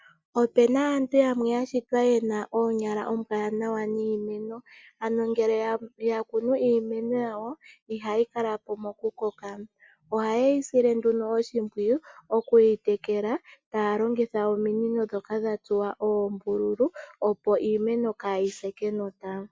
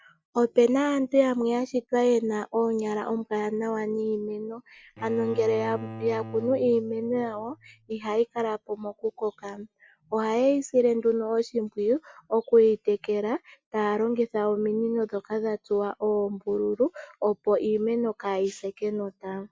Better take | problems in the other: first | background sound (Bowed string instrument); 14 dB below the speech

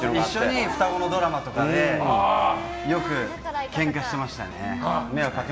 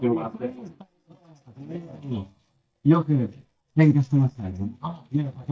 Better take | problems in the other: first | noise reduction (neural mask model DeepFilterNet 3)

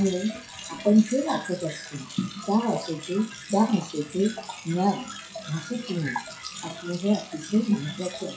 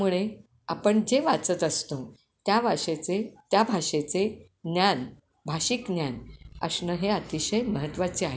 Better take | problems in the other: second | noise reduction (classical method WPE with log-MMSE)

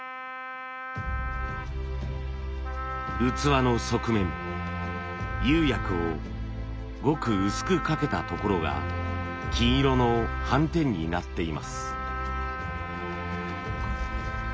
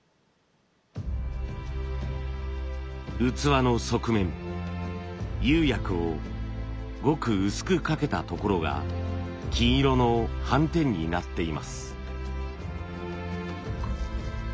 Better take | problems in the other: second | background sound (Wind instrument, woodwind instrument); 9 dB below the speech

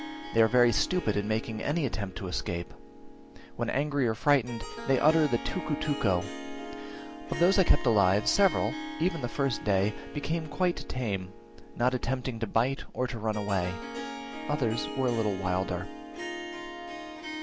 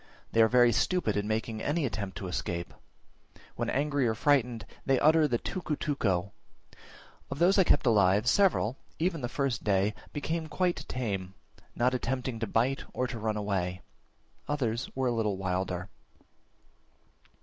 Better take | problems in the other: second | background sound (Harp); 11 dB below the speech

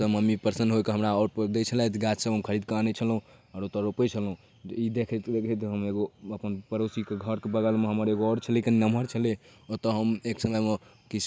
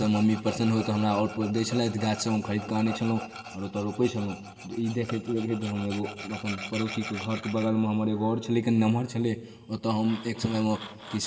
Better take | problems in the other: first | background sound (Tools); 15 dB below the speech // room echo; dies away in 1.9 s

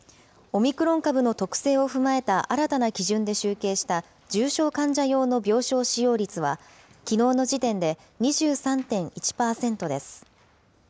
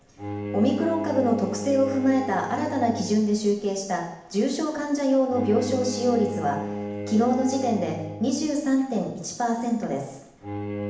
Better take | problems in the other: first | background sound (Bowed string instrument); 10 dB below the speech // room echo; dies away in 0.8 s

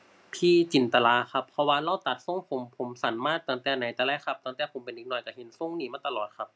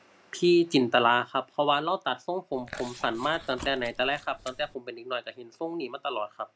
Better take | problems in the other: first | background sound (Chewing, mastication); 17 dB below the speech

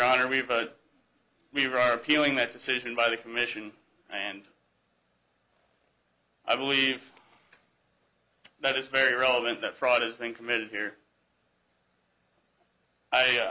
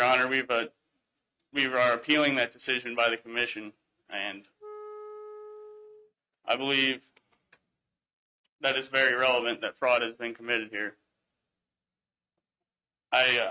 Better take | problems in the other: first | noise reduction (neural mask model RNNoise)

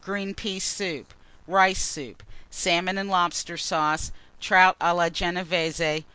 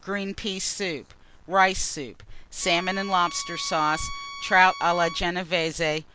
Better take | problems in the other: first | background sound (Bowed string instrument); 13 dB below the speech

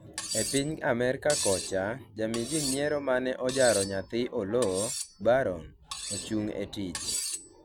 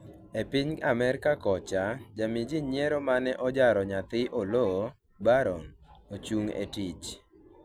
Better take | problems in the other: second | background sound (Cutlery, silverware); 8 dB below the speech

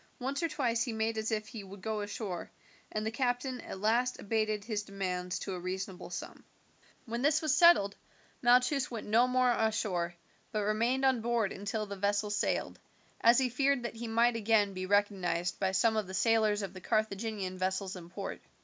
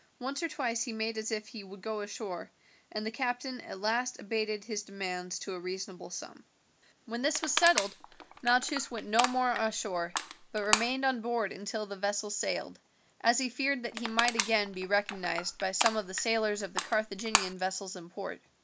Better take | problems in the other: first | background sound (Crushing); 3 dB below the speech

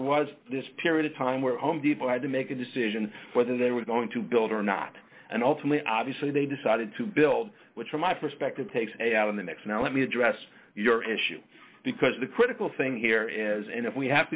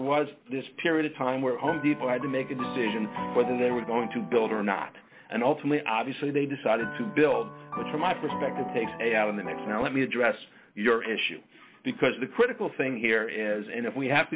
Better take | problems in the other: first | background sound (Piano); 9 dB below the speech

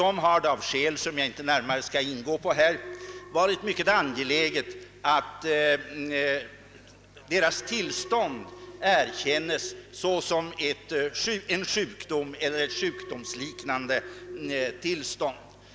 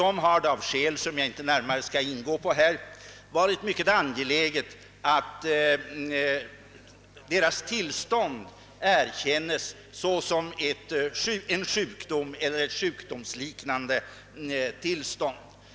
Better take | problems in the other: second | background sound (Alarm); 18 dB below the speech

